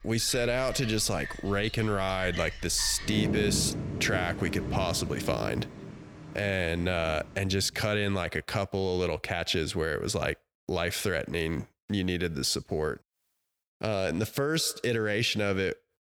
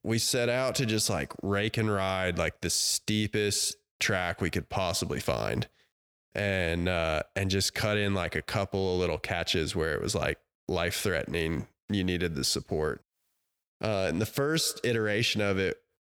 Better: second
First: rain or running water; loud; until 7.5 s; 8 dB below the speech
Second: none

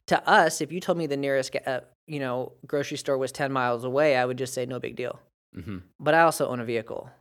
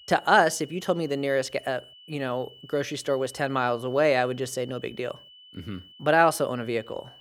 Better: first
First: none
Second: high-pitched whine; faint; throughout; 3 kHz, 20 dB below the speech

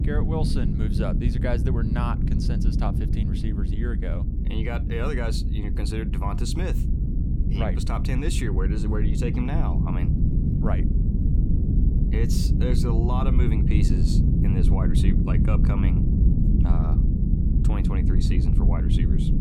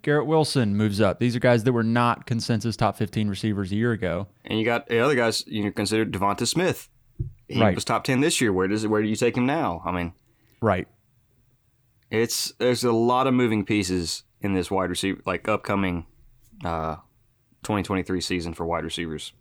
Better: second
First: low rumble; loud; throughout; 1 dB below the speech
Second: none

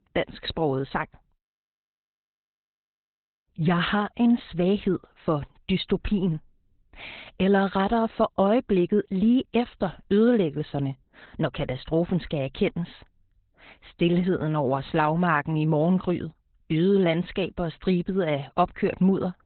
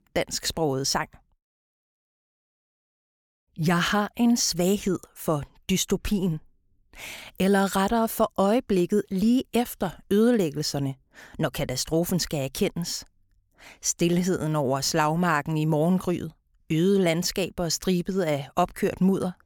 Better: second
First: garbled, watery; badly; nothing above 4 kHz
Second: none

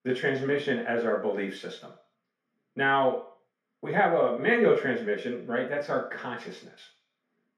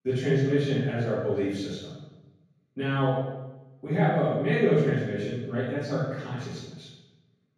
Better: first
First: room echo; slight; dies away in 0.5 s // off-mic speech; far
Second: room echo; strong; dies away in 1.4 s // off-mic speech; far

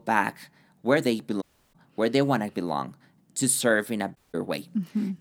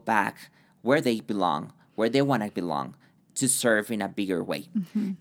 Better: second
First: audio cutting out; at 1.5 s and at 4 s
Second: none

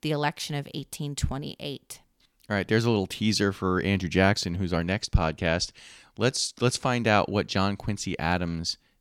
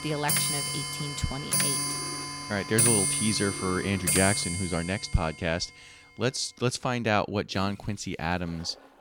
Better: first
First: none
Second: household noises; very loud; throughout; 3 dB above the speech

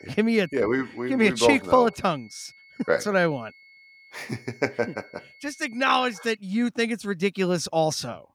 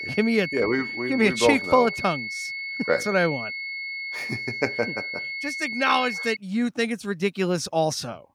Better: first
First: high-pitched whine; faint; until 6.5 s; 2 kHz, 25 dB below the speech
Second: high-pitched whine; loud; until 6.5 s; 2 kHz, 6 dB below the speech

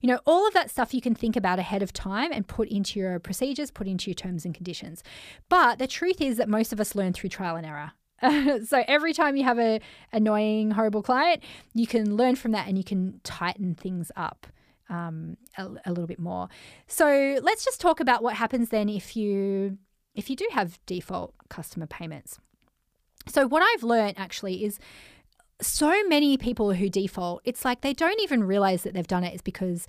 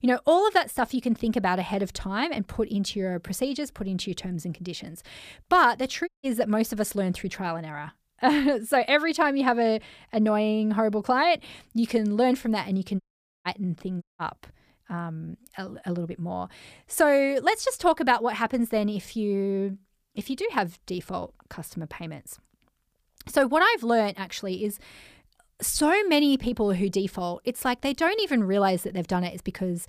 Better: first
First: none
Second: audio cutting out; at 6 s, at 13 s and at 14 s

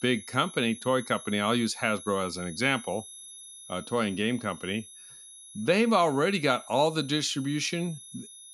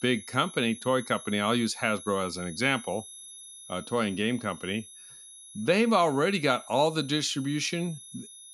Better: neither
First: high-pitched whine; noticeable; throughout; 11 kHz, 15 dB below the speech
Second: high-pitched whine; noticeable; throughout; 11 kHz, 15 dB below the speech

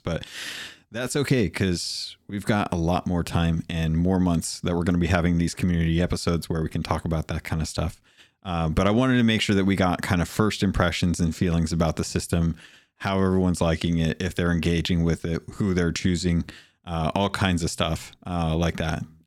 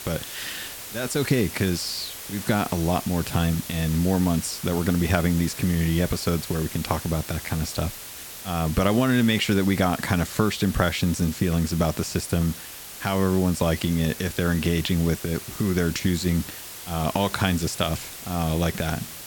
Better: first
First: none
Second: hiss; noticeable; throughout; 10 dB below the speech

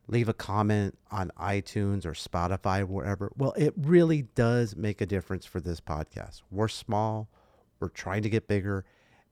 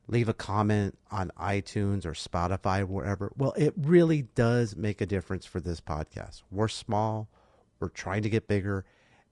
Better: first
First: none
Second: garbled, watery; slightly

